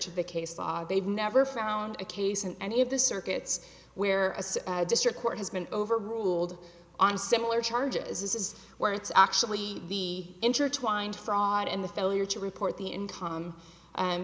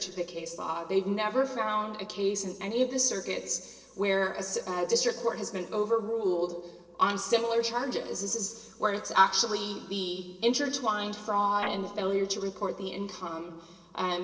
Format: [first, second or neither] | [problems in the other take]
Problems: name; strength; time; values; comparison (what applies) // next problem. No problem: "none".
first | noise reduction (neural separator model SepFormer DNS4)